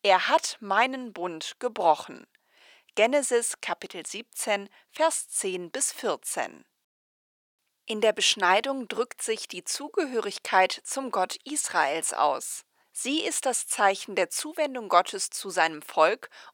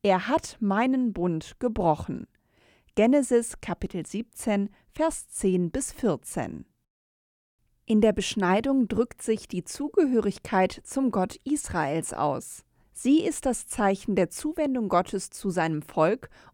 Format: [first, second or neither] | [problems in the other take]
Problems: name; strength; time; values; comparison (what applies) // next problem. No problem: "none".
second | thin; very; fading below 700 Hz